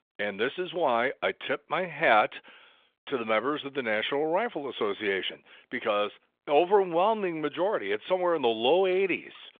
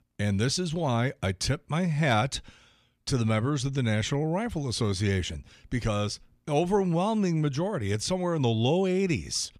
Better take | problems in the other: second | phone-call audio; nothing above 3.5 kHz

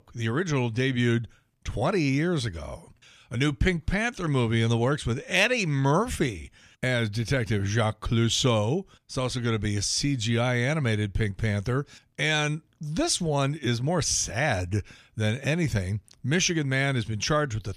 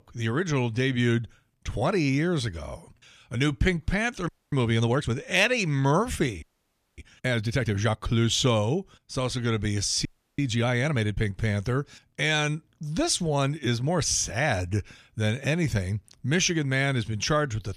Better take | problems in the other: first | audio freezing; at 4.5 s, at 6.5 s for 0.5 s and at 10 s

